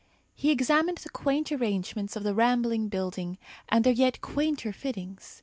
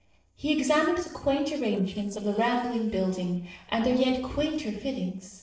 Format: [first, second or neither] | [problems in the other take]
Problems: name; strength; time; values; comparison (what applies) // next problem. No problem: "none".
first | noise reduction (neural separator model SepFormer DNS4)